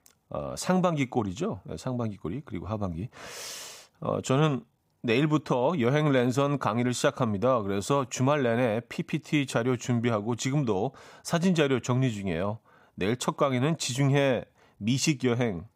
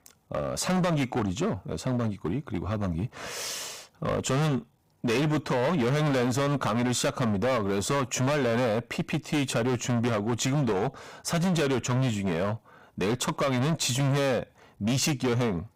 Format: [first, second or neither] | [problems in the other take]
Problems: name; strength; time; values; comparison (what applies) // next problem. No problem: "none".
first | distortion; heavy; 23% of the sound clipped